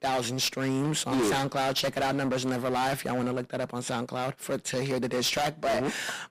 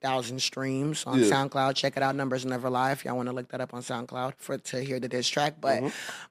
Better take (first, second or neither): second